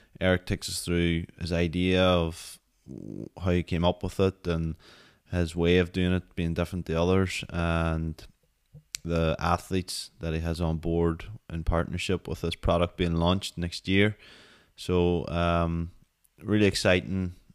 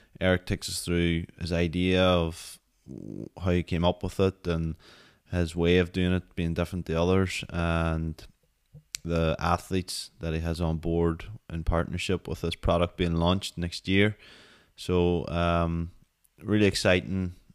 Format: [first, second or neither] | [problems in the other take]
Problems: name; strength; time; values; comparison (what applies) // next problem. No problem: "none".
neither | none